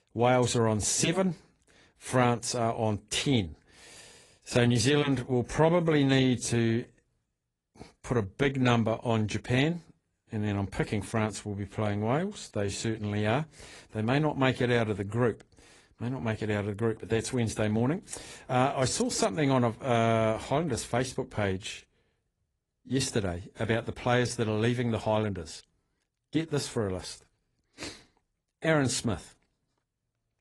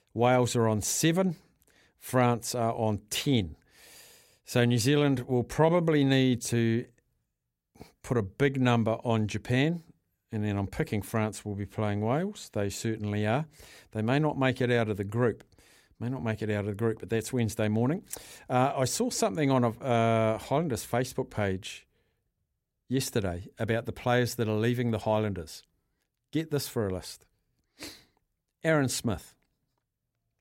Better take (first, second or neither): second